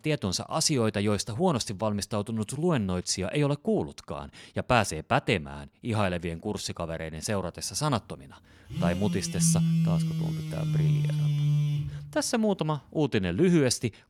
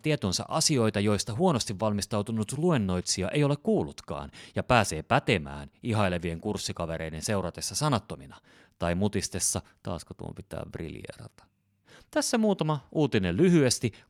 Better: second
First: phone ringing; loud; from 8.5 to 12 s; peak 4 dB above the speech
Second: none

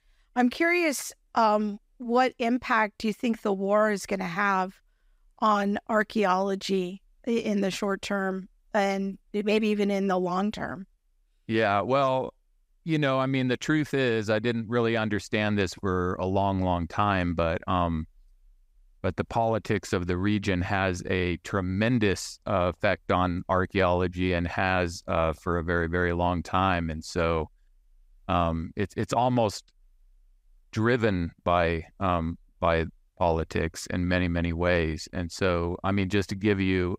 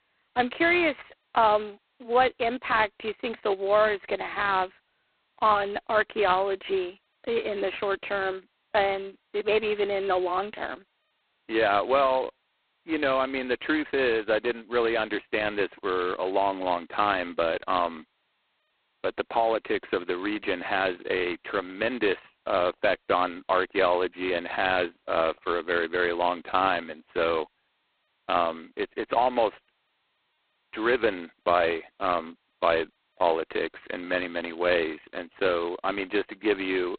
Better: first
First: none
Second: phone-call audio; poor line; nothing above 4 kHz

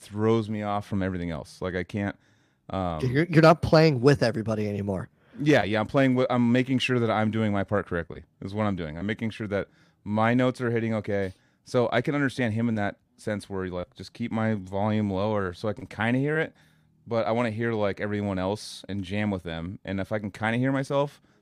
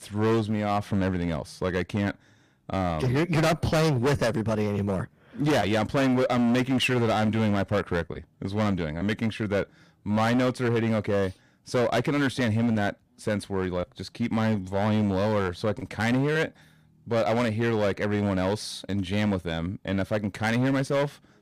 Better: first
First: none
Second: distortion; heavy; 14% of the sound clipped

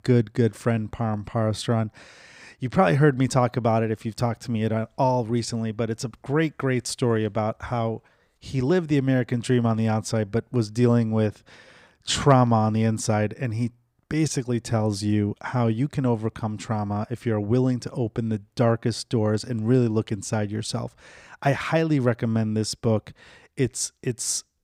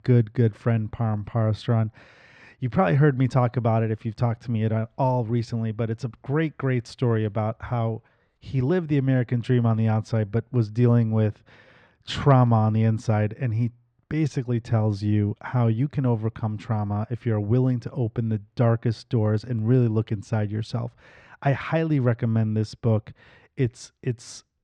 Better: first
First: none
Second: muffled; slightly; fading above 3.5 kHz

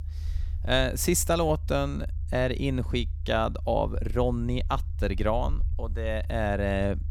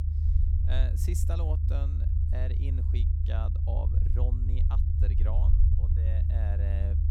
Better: first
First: low rumble; faint; throughout; 25 dB below the speech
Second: low rumble; loud; throughout; 1 dB below the speech

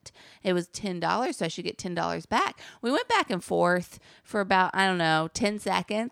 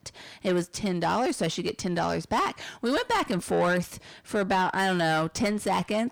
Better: first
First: none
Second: distortion; heavy; 7 dB below the speech

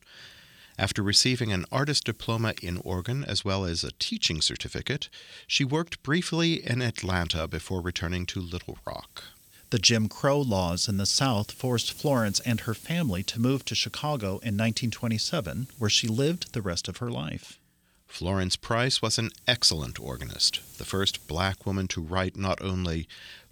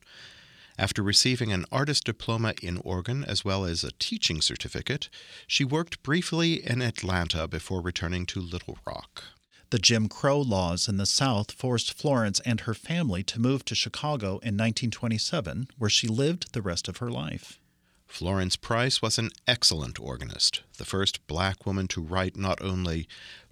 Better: second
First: hiss; faint; throughout; 25 dB below the speech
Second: none

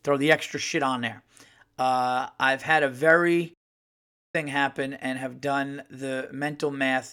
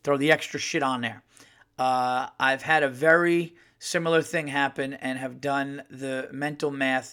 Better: second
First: audio cutting out; at 3.5 s for 1 s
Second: none

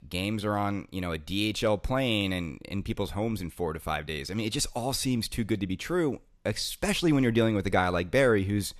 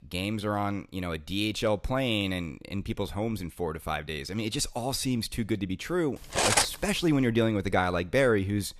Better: first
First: none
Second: clattering dishes; loud; at 6.5 s; peak 6 dB above the speech

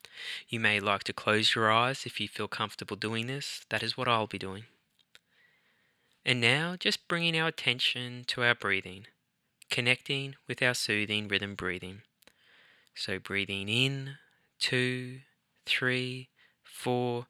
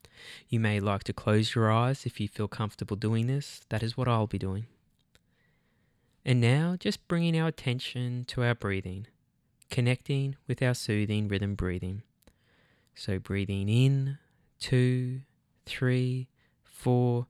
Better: second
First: thin; somewhat; fading below 1 kHz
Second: none

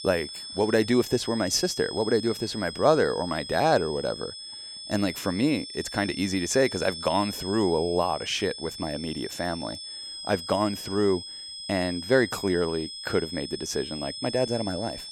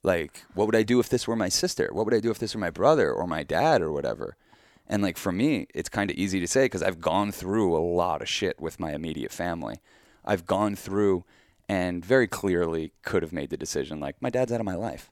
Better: second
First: high-pitched whine; loud; throughout; 5 kHz, 9 dB below the speech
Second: none

